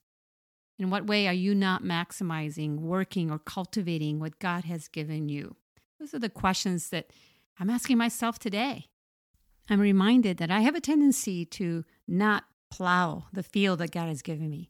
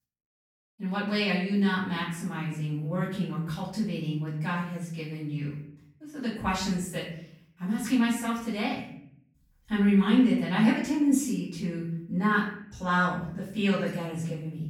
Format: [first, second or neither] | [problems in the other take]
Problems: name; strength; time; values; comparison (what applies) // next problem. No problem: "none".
first | off-mic speech; far // room echo; noticeable; dies away in 0.7 s